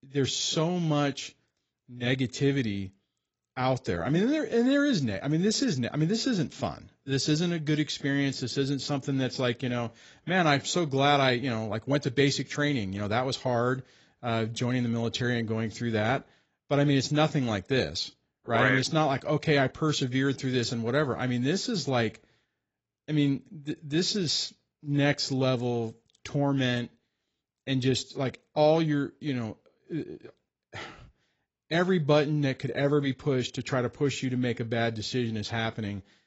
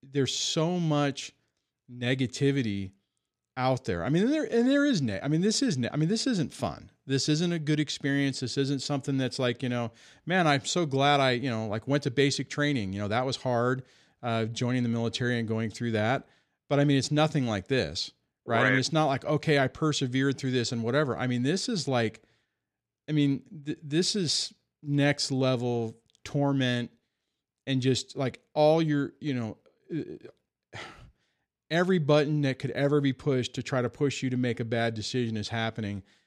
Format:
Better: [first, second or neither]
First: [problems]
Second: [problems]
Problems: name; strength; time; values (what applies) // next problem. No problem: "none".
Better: second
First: garbled, watery; badly; nothing above 7.5 kHz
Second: none